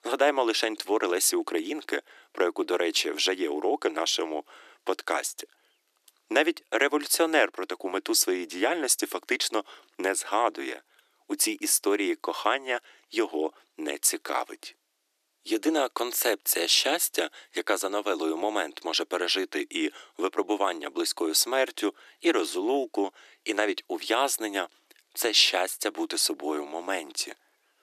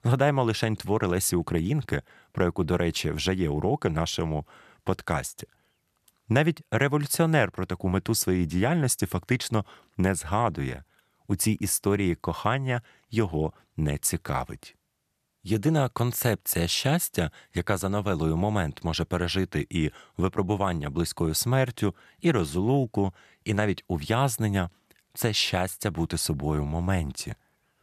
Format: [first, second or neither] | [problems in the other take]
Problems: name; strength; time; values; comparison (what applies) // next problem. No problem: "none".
second | thin; very; fading below 300 Hz